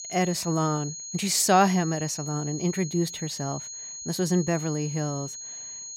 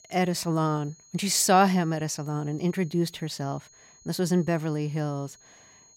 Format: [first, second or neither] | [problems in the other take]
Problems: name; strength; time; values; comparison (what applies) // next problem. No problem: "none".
second | high-pitched whine; loud; throughout; 6.5 kHz, 9 dB below the speech; faint in the second